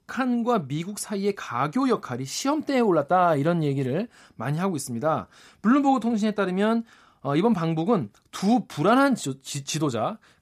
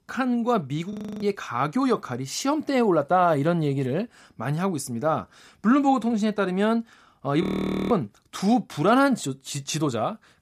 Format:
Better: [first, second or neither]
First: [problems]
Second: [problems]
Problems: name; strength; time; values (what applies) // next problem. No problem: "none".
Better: first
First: none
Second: audio freezing; at 1 s and at 7.5 s